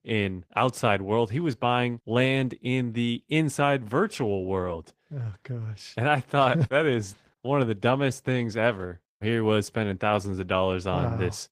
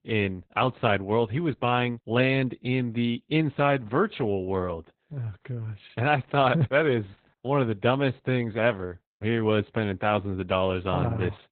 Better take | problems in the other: first | garbled, watery; badly; nothing above 3.5 kHz; slightly in the first

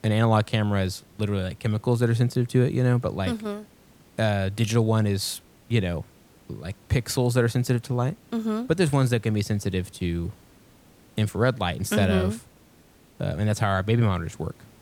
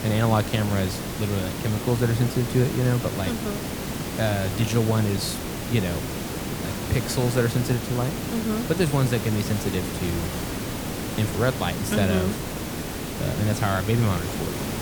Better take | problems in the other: first | hiss; loud; throughout; 5 dB below the speech; faint in the first

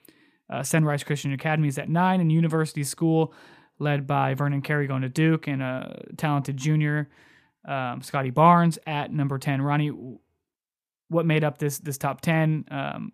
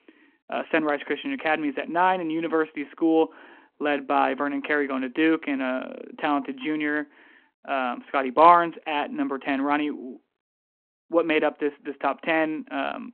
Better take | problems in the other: first | phone-call audio

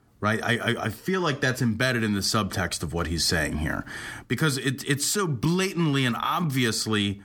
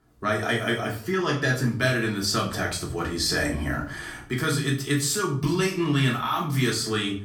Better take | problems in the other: first | room echo; slight; dies away in 0.4 s // off-mic speech; far

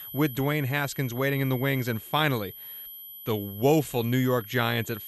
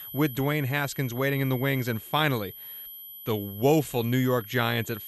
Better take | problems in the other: neither | high-pitched whine; noticeable; throughout; 12 kHz, 15 dB below the speech; the same in both

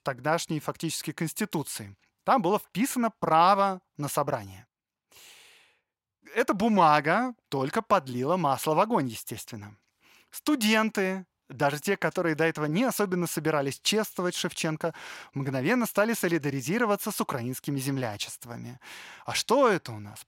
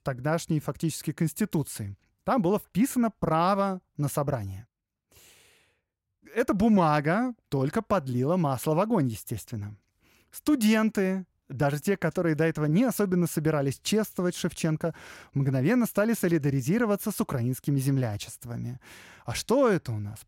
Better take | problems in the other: second | thin; very slightly; fading below 300 Hz

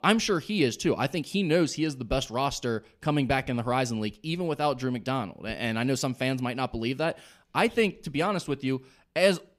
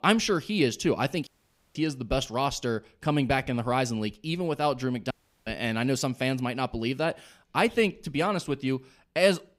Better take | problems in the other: first | audio cutting out; at 1.5 s and at 5 s

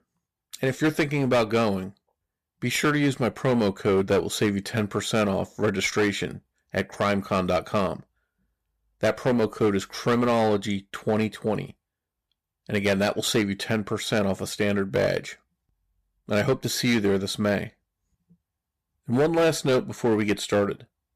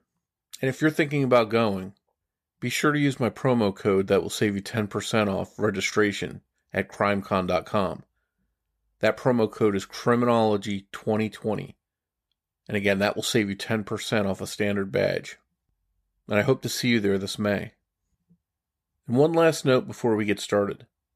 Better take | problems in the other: second | distortion; slight; 7% of the sound clipped

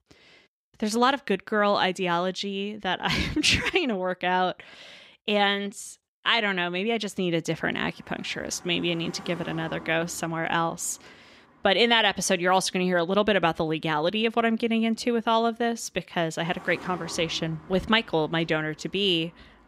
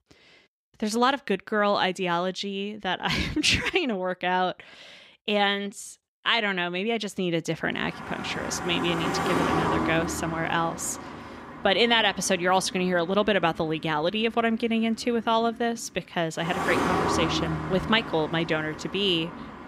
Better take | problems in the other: first | traffic noise; loud; from 8 s on; 5 dB below the speech; faint in the first

